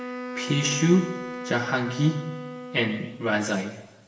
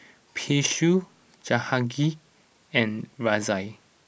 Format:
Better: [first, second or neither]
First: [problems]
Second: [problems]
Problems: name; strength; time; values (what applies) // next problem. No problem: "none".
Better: second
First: background sound (Wind instrument, woodwind instrument); 10 dB below the speech // room echo; dies away in 1.1 s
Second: none